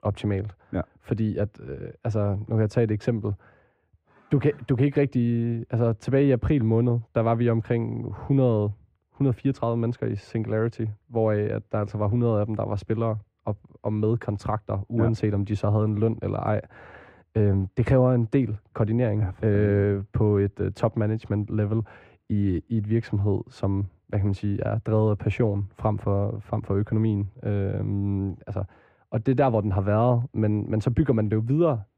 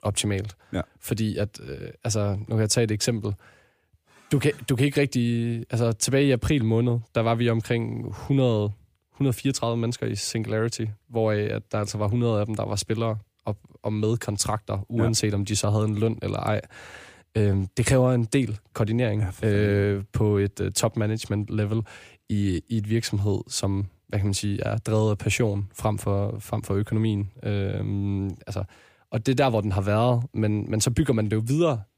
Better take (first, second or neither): second